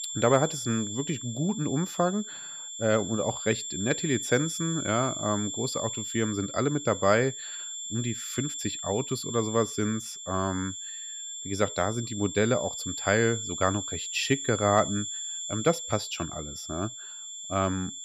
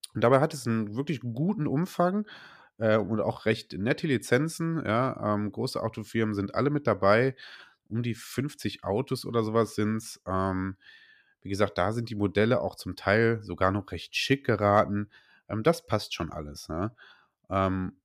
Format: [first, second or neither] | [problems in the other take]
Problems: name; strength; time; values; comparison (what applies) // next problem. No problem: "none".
second | high-pitched whine; loud; throughout; 7.5 kHz, 6 dB below the speech